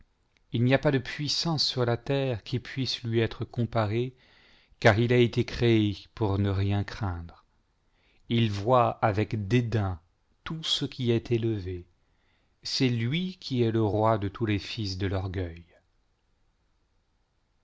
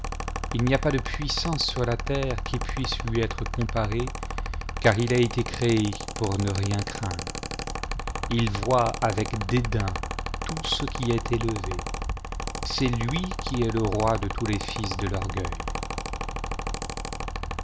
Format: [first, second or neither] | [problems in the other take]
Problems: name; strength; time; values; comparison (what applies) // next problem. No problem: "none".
first | background sound (Mechanical fan); 3 dB below the speech